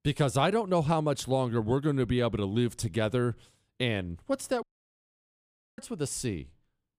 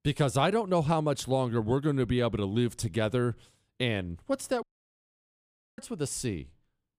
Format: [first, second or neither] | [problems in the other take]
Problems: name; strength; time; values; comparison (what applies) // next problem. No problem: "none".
neither | audio cutting out; at 4.5 s for 1 s; the same in both